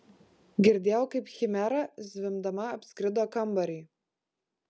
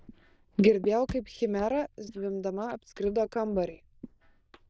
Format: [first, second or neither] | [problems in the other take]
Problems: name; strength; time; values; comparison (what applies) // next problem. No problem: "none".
first | noise reduction (neural diffusion model UNIVERSE++)